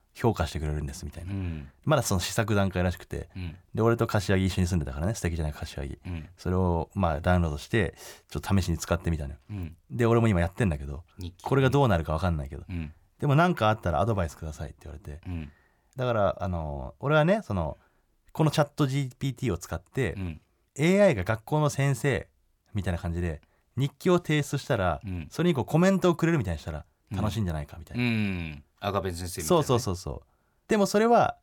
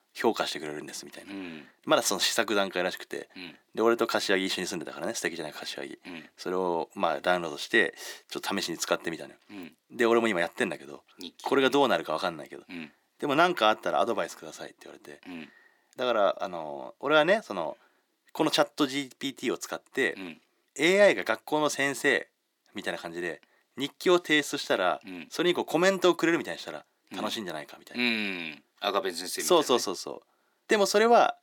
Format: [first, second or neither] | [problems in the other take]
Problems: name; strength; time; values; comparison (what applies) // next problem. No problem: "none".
first | thin; somewhat; fading below 300 Hz